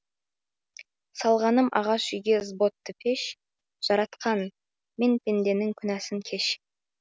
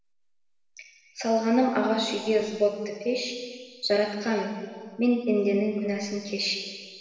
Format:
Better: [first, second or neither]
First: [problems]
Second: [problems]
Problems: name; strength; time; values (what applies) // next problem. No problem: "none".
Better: first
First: none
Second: room echo; dies away in 1.6 s